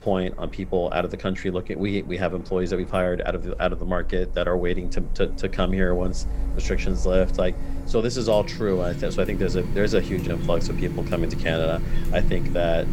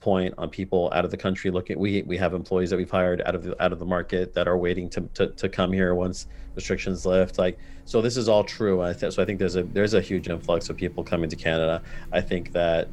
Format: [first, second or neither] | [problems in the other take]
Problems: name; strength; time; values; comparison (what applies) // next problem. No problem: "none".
second | household noises; loud; throughout; 7 dB below the speech; faint in the second